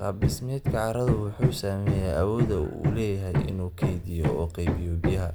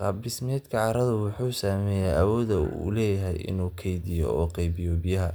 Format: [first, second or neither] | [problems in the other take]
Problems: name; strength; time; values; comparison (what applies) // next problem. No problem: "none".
second | background sound (Hammer); 1 dB below the speech